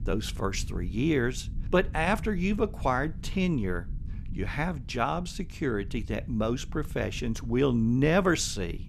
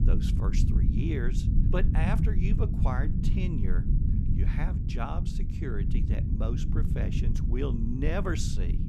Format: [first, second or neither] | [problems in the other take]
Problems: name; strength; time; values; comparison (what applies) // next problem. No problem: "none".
first | low rumble; loud; throughout; 3 dB below the speech; faint in the first